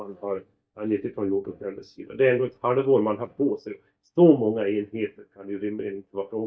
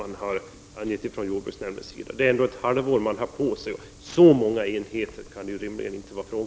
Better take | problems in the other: second | noise reduction (neural mask model DeepFilterNet 3)

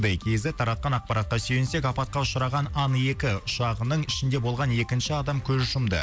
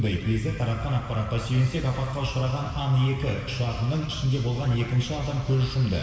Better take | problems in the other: first | room echo; dies away in 2.2 s

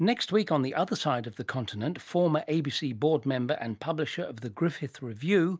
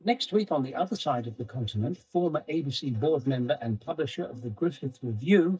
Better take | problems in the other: first | noise reduction (neural mask model DeepFilterNet 3)

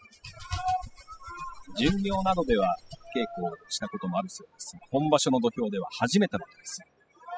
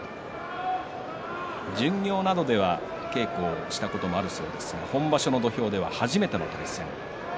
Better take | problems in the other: second | noise reduction (classical method spectral subtraction)

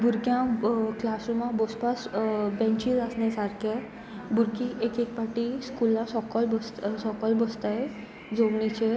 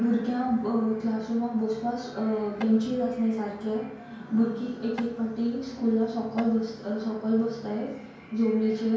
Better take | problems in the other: first | background sound (Tap / Wood); 17 dB below the speech // room echo; dies away in 0.5 s

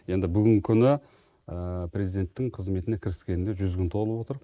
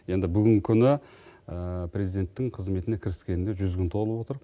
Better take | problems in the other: second | noise reduction (neural mask model Resemble Enhance denoiser)

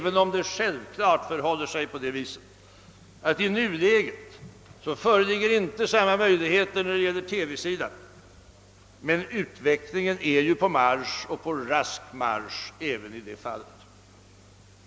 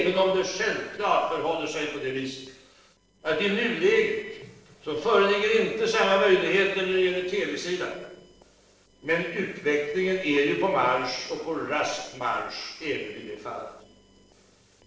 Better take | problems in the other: first | noise reduction (neural separator model SepFormer DNS4)

